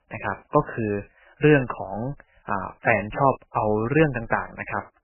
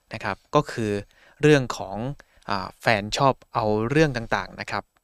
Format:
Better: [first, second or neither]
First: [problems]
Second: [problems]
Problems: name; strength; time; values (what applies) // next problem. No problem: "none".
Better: second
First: garbled, watery; badly; nothing above 2.5 kHz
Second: none